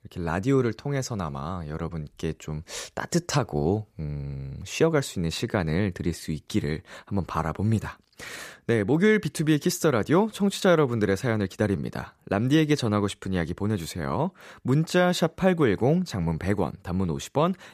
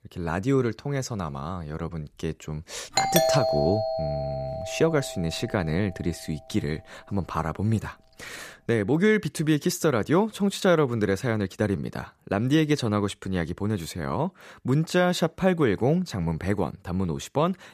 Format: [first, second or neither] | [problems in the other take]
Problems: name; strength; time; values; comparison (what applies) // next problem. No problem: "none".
first | doorbell; loud; from 3 to 5 s; peak 5 dB above the speech